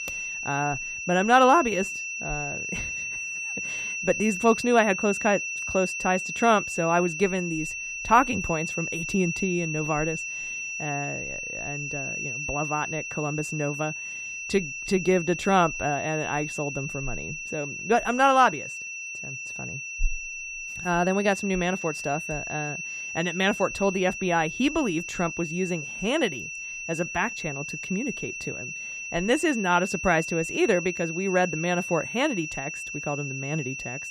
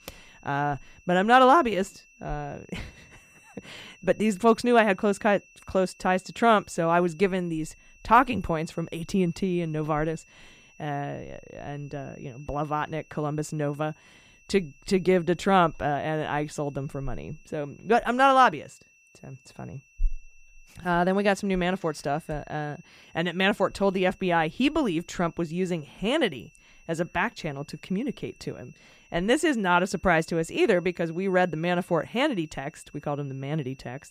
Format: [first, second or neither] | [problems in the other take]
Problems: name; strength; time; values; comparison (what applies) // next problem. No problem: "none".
second | high-pitched whine; loud; throughout; 2.5 kHz, 5 dB below the speech; faint in the second